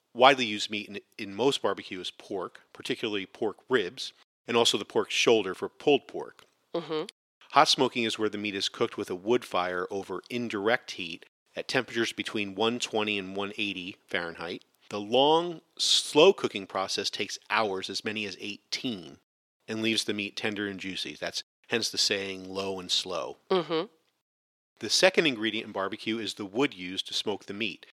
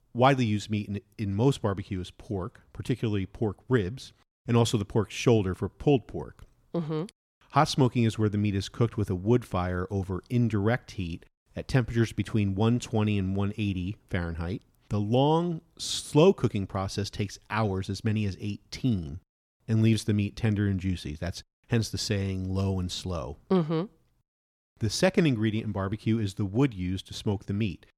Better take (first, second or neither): second